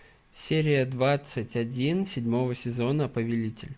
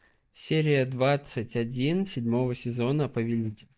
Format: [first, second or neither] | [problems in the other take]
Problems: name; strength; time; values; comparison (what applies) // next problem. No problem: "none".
first | noise reduction (neural mask model DeepFilterNet 3)